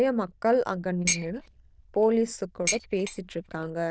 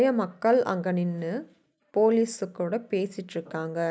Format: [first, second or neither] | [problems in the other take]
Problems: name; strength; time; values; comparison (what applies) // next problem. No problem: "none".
second | noise reduction (neural diffusion model UNIVERSE++)